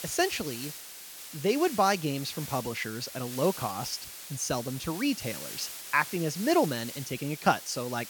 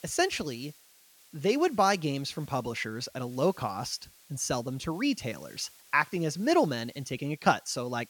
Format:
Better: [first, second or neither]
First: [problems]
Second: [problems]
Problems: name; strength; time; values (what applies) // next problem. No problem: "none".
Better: second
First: hiss; loud; throughout; 9 dB below the speech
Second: hiss; faint; throughout; 25 dB below the speech